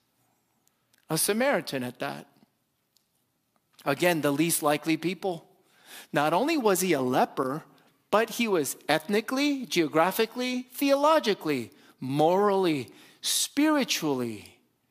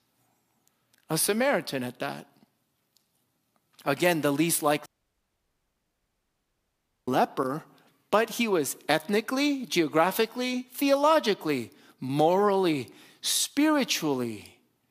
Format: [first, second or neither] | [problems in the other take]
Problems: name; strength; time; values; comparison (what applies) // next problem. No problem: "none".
first | audio cutting out; at 5 s for 2 s